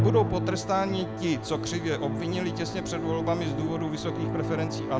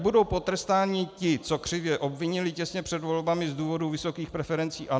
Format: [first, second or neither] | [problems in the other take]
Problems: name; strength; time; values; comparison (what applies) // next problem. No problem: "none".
second | background sound (Musical instrument); 1 dB below the speech